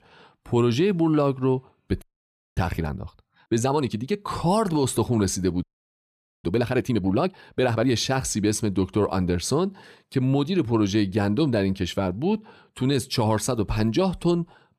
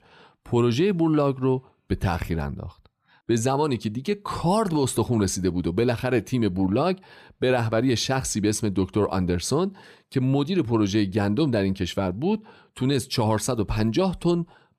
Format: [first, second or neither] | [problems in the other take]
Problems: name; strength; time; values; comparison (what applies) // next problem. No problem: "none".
second | audio freezing; at 2 s for 0.5 s and at 5.5 s for 1 s